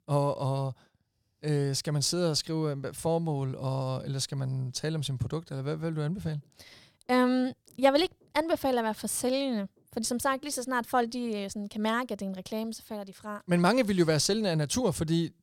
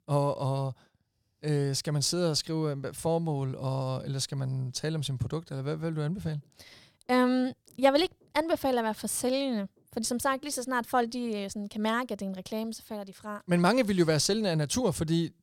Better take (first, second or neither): neither